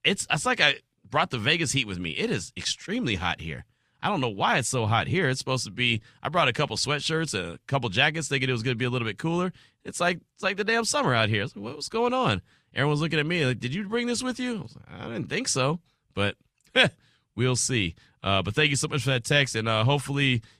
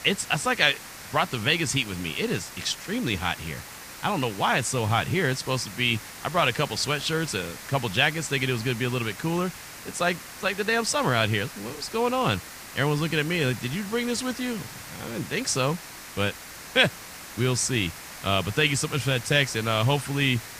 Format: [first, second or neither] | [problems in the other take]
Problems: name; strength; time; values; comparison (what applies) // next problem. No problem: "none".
first | hiss; noticeable; throughout; 15 dB below the speech